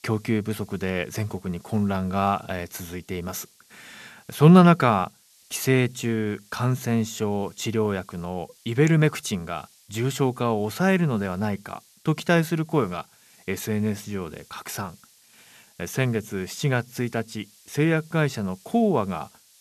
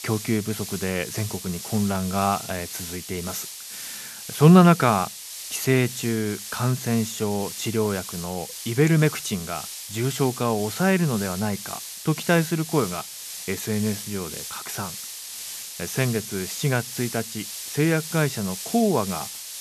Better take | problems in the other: first | hiss; loud; throughout; 9 dB below the speech; faint in the first

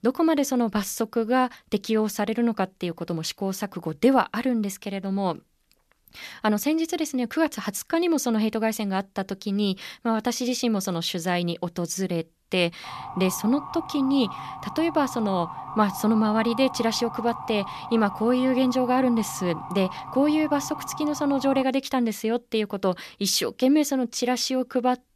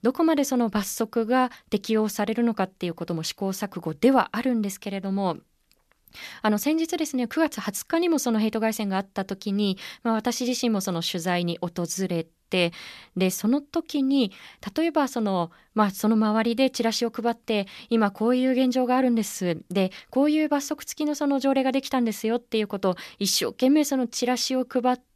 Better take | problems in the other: second | siren; noticeable; from 13 to 22 s; peak 10 dB below the speech

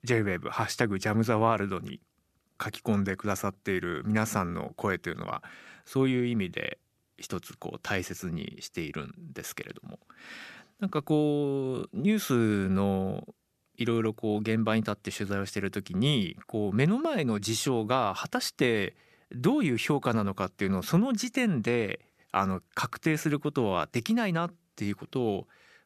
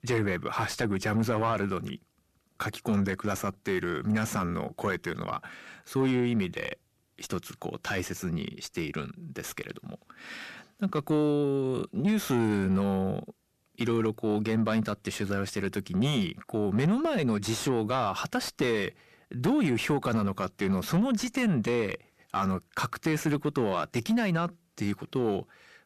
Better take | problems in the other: first | distortion; slight; 10 dB below the speech

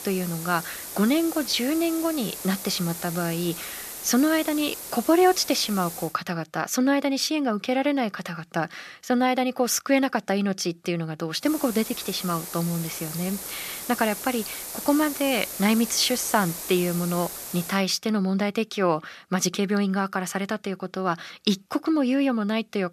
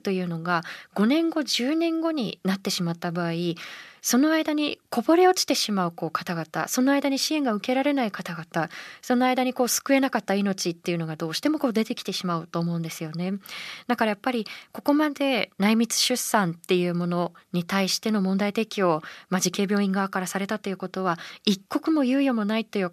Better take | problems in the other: second | hiss; loud; until 6 s and from 11 to 18 s; 9 dB below the speech

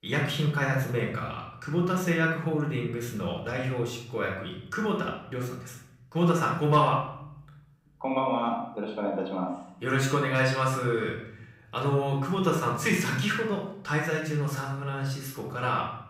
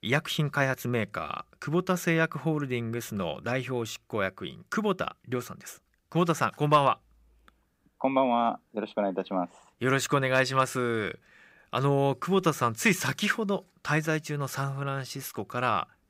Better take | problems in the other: second | off-mic speech; far // room echo; noticeable; dies away in 0.8 s

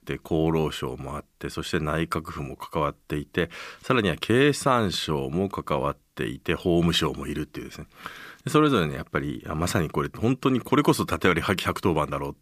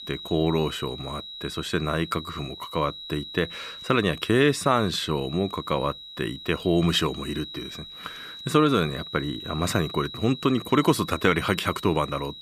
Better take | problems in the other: first | high-pitched whine; noticeable; throughout; 4 kHz, 10 dB below the speech

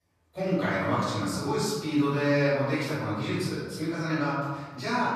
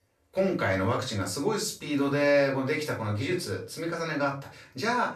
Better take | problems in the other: second | room echo; strong; dies away in 1.4 s; slight in the second // off-mic speech; far; far in the second

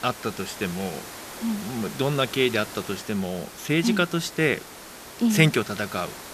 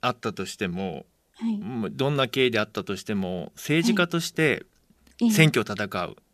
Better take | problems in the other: second | hiss; noticeable; throughout; 15 dB below the speech

